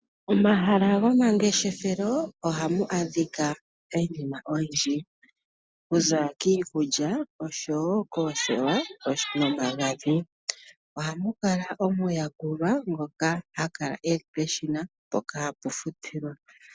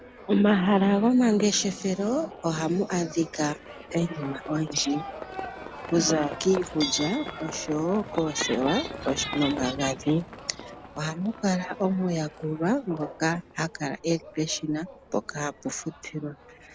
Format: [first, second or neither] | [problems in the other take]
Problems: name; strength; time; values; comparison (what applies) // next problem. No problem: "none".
first | background sound (Livestock, farm animals, working animals); 13 dB below the speech